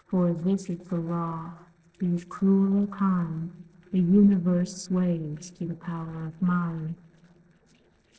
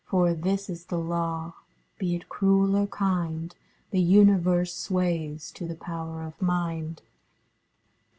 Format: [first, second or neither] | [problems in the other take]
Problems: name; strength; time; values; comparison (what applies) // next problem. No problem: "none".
second | noise reduction (neural separator model SepFormer DNS4)